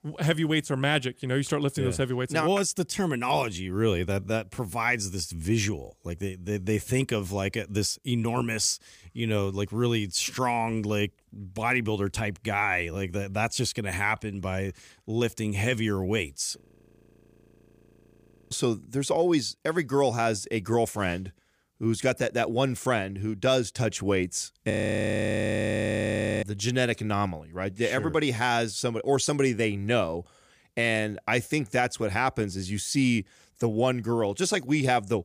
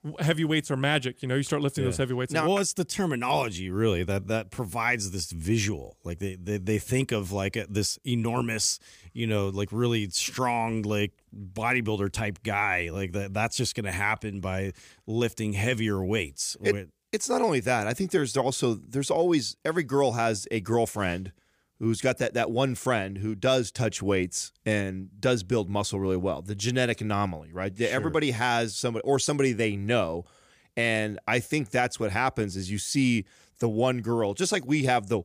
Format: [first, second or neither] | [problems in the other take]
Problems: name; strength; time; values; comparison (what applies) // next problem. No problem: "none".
second | audio freezing; at 17 s for 2 s and at 25 s for 1.5 s